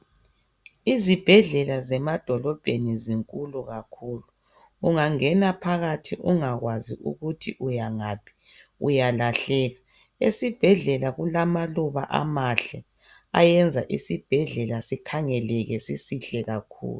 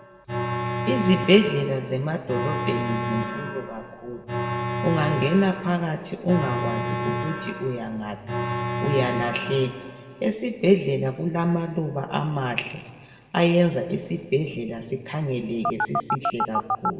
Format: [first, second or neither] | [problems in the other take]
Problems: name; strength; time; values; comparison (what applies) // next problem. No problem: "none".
first | background sound (Alarm); 5 dB below the speech // room echo; dies away in 1.8 s